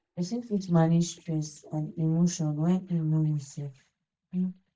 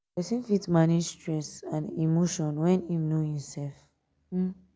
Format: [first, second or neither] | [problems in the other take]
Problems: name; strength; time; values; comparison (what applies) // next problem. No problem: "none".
second | noise reduction (neural mask model DeepFilterNet 3)